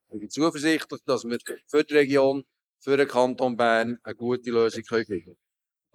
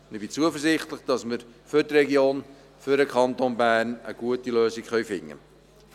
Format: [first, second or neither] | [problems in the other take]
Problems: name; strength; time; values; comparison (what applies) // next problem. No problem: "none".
second | noise reduction (neural mask model Resemble Enhance denoiser)